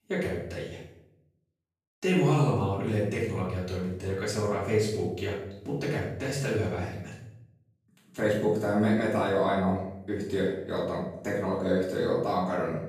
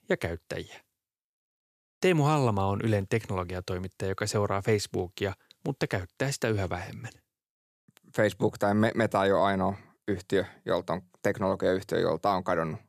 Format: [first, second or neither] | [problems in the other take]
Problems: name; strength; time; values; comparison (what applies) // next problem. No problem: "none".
second | off-mic speech; far // room echo; noticeable; dies away in 0.7 s